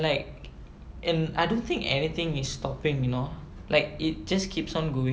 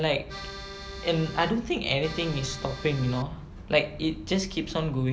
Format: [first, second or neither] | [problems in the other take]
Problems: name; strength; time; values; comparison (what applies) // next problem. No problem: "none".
first | background sound (Accordion); 12 dB below the speech